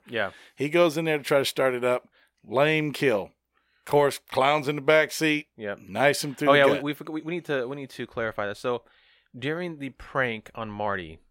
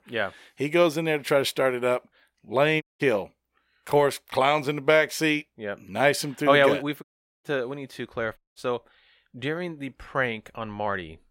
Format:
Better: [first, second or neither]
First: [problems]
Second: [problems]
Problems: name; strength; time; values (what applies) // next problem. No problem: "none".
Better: first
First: none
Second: audio cutting out; at 3 s, at 7 s and at 8.5 s